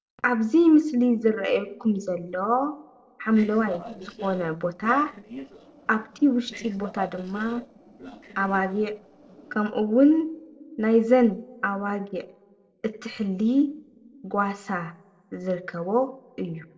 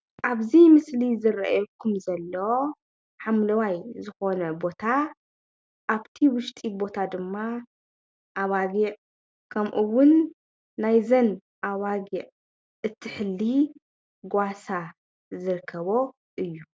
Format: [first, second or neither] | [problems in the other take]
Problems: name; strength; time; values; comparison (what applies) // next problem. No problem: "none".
second | noise reduction (neural separator model SepFormer DNS4)